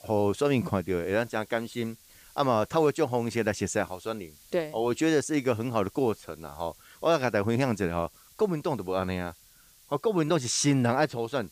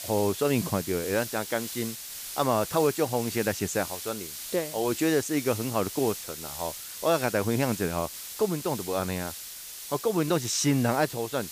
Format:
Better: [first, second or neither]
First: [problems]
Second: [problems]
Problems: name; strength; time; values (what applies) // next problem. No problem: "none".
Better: first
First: hiss; faint; throughout; 25 dB below the speech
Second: hiss; loud; throughout; 8 dB below the speech